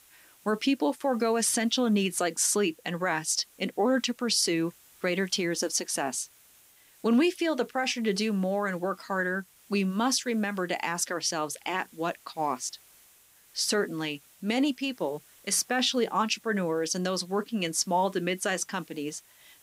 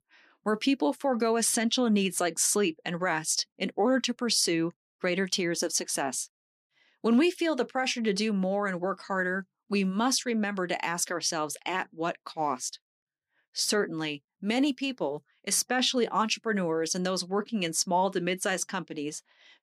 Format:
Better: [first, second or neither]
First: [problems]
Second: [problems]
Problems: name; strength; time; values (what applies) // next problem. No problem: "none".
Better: second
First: hiss; faint; throughout; 25 dB below the speech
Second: none